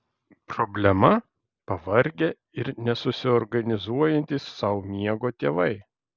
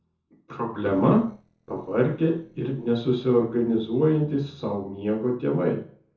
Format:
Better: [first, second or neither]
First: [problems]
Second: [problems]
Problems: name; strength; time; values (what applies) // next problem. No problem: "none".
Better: first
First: none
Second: noise reduction (neural separator model SepFormer DNS4)